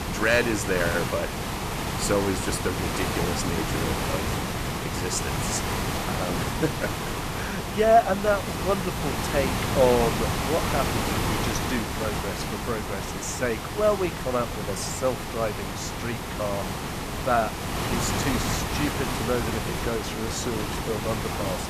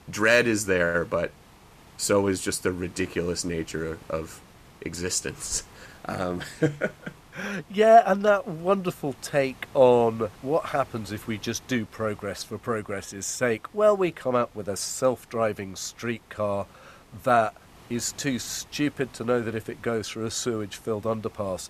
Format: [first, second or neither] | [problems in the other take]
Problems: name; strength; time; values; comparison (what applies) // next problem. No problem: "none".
second | hiss; loud; throughout; 1 dB below the speech; faint in the second